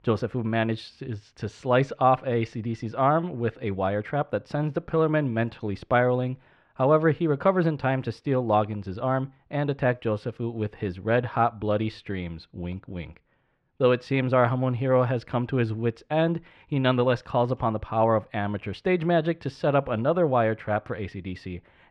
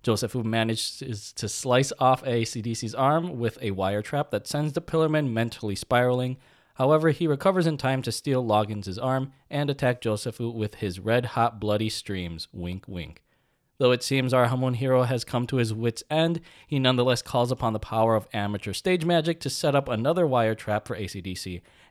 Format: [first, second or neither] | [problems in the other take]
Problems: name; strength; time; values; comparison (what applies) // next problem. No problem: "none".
second | muffled; very; fading above 2 kHz